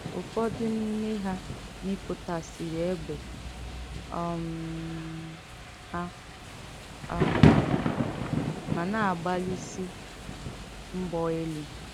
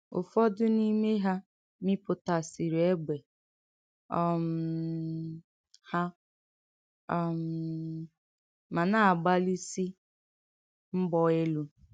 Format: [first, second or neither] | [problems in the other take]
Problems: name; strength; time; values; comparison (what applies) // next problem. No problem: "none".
second | background sound (Thunder / Rain); 2 dB above the speech